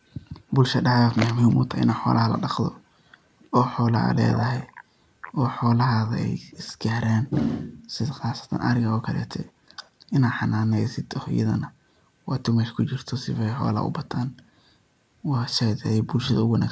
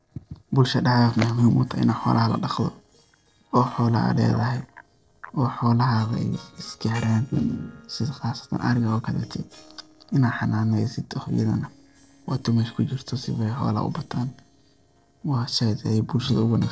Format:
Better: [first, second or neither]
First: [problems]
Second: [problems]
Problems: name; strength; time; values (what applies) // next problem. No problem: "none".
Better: first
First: none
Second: noise reduction (neural separator model SepFormer DNS4)